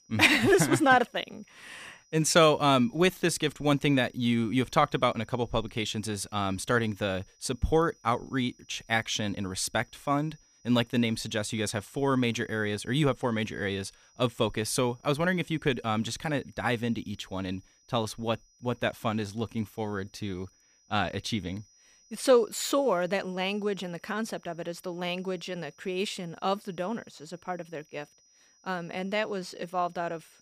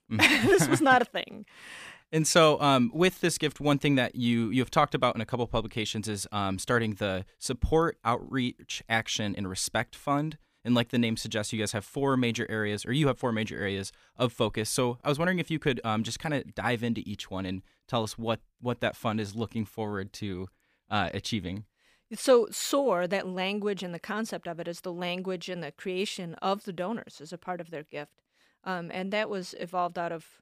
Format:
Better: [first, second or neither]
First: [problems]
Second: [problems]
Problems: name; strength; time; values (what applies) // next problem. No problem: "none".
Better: second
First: high-pitched whine; faint; throughout; 6 kHz, 30 dB below the speech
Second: none